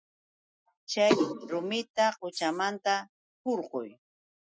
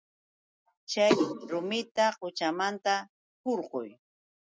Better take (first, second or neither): second